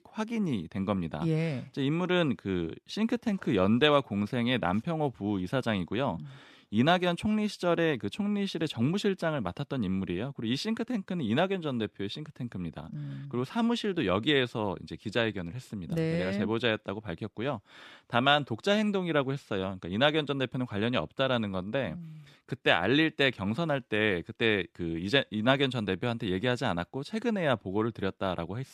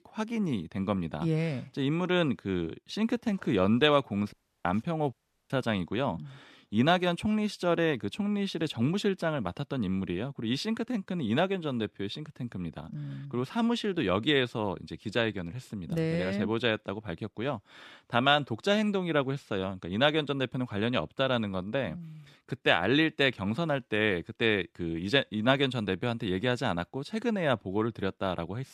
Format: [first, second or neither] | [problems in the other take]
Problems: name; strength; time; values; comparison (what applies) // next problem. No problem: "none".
first | audio cutting out; at 4.5 s and at 5 s